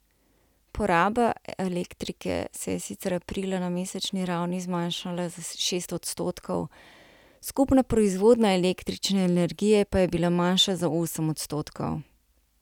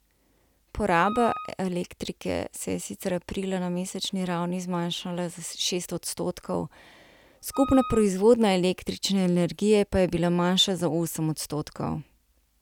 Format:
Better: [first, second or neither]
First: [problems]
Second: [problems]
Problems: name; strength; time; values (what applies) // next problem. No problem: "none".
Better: first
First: none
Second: background sound (Wind instrument, woodwind instrument); 11 dB below the speech